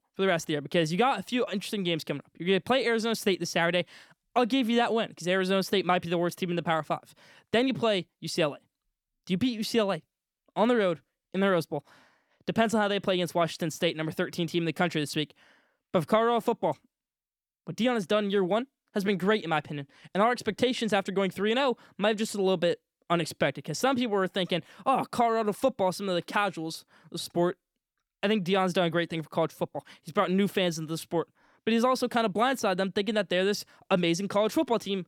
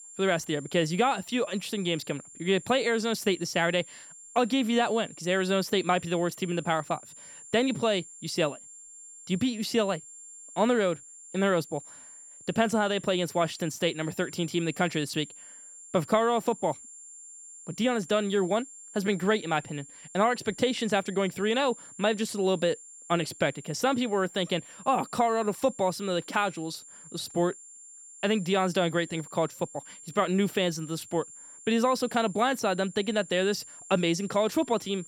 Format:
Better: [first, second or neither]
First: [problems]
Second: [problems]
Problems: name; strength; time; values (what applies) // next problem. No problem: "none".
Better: first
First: none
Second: high-pitched whine; noticeable; throughout; 7.5 kHz, 15 dB below the speech